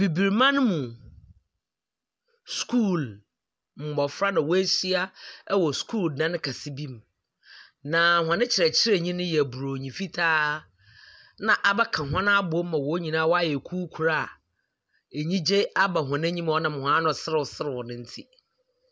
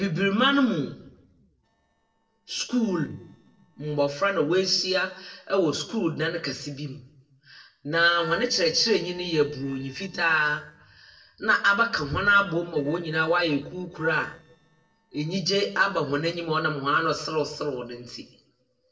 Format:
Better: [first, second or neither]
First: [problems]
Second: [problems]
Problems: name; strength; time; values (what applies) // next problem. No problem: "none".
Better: first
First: none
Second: noise reduction (neural separator model SepFormer DNS4)